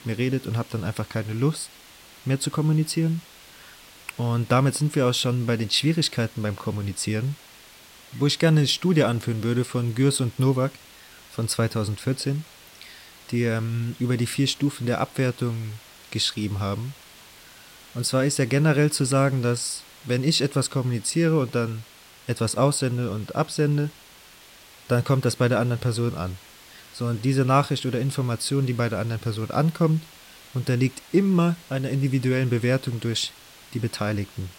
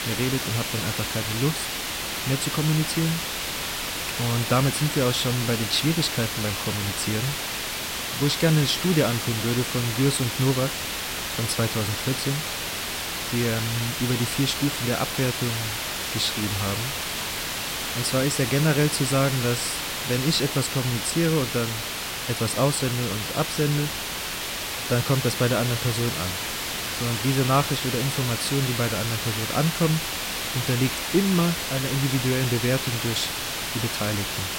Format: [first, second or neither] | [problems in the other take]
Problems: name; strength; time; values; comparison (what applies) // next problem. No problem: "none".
first | hiss; loud; throughout; 2 dB below the speech; faint in the first